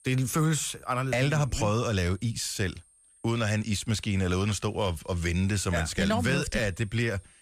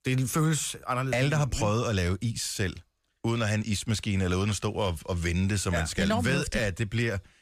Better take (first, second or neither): second